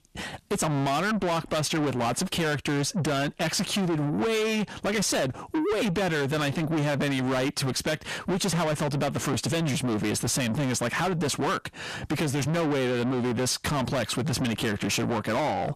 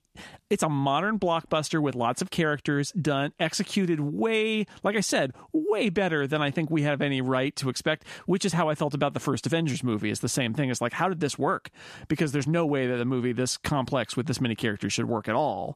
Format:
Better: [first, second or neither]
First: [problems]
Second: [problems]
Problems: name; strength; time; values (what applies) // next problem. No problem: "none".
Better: second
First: distortion; heavy; 6 dB below the speech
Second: none